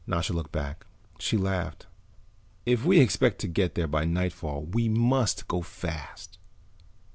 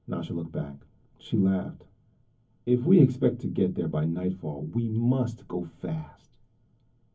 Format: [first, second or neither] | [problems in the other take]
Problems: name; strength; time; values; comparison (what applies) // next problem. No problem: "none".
first | room echo; dies away in 0.3 s